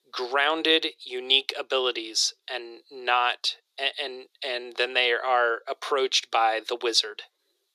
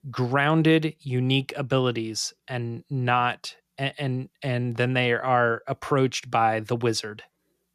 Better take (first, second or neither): second